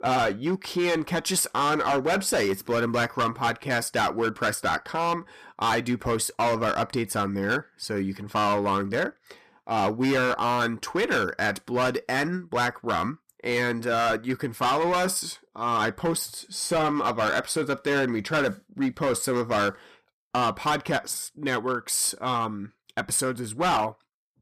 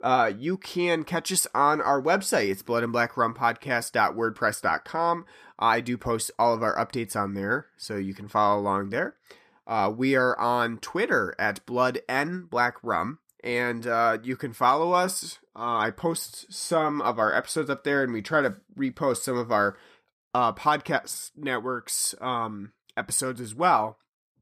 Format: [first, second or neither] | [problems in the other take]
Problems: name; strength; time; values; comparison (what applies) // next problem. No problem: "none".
second | distortion; heavy; 12% of the sound clipped